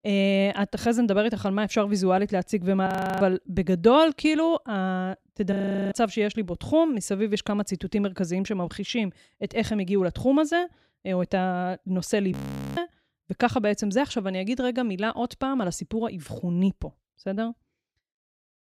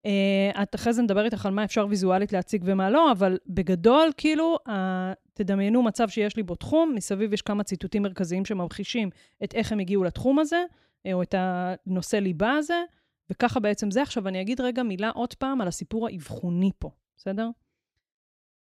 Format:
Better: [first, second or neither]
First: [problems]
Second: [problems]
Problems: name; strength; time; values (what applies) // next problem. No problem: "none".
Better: second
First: audio freezing; at 3 s, at 5.5 s and at 12 s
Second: none